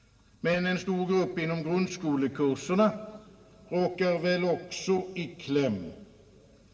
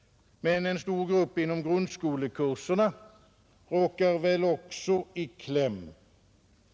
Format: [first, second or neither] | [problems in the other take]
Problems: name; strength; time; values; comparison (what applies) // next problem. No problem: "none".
second | room echo; dies away in 2.3 s